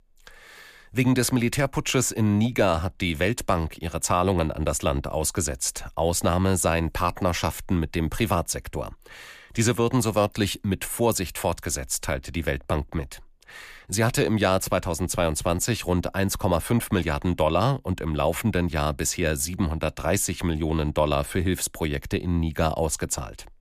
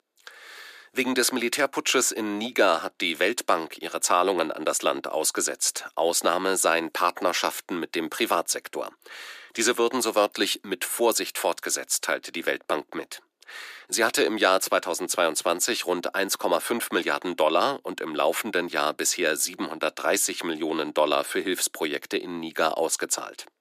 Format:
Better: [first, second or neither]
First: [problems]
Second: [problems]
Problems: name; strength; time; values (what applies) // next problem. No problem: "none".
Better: first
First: none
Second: thin; somewhat; fading below 300 Hz